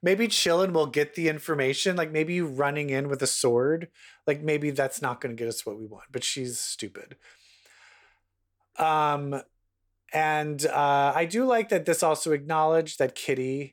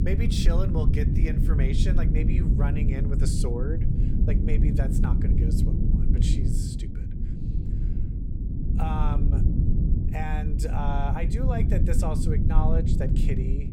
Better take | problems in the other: first | low rumble; loud; throughout; 2 dB below the speech

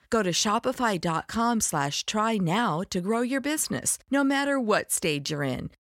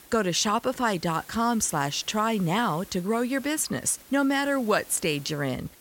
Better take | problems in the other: first | hiss; faint; throughout; 20 dB below the speech

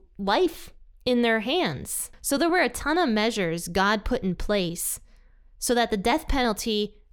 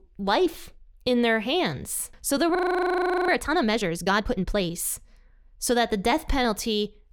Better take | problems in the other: first | audio freezing; at 2.5 s for 0.5 s

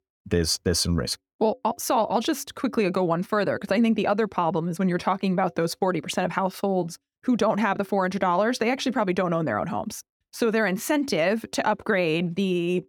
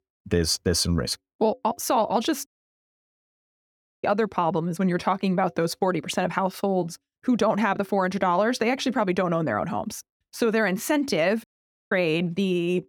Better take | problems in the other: first | audio cutting out; at 2.5 s for 1.5 s and at 11 s

